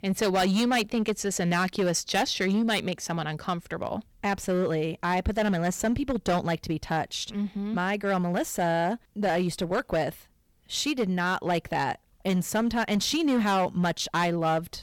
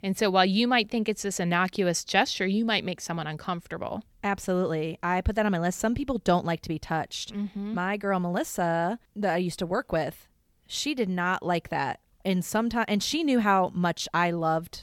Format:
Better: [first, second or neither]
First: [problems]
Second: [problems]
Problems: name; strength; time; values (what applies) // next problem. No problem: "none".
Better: second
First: distortion; slight; 8% of the sound clipped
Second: none